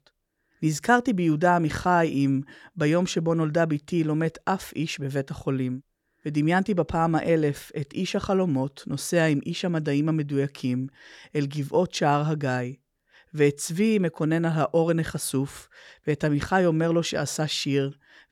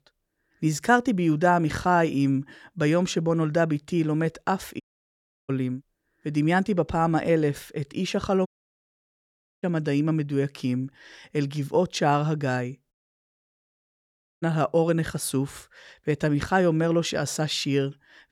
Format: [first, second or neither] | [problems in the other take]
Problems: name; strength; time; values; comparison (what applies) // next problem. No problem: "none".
first | audio cutting out; at 5 s for 0.5 s, at 8.5 s for 1 s and at 13 s for 1.5 s